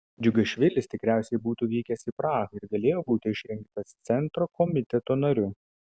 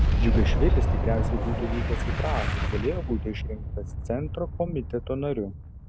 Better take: first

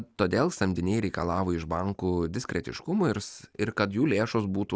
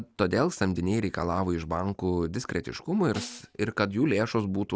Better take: first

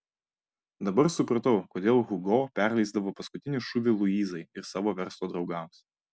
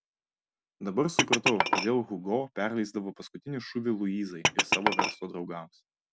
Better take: first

